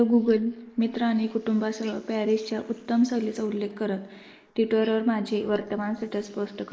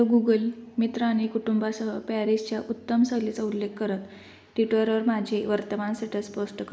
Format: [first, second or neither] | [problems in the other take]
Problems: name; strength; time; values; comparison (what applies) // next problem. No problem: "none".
second | noise reduction (neural mask model Resemble Enhance denoiser)